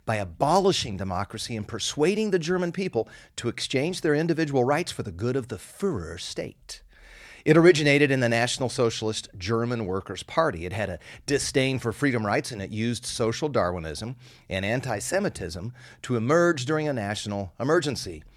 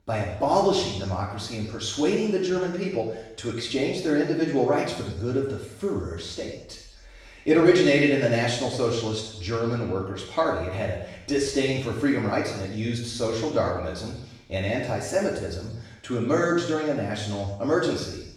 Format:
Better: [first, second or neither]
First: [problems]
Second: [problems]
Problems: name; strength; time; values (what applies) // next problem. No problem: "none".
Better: first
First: none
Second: room echo; noticeable; dies away in 0.9 s // off-mic speech; far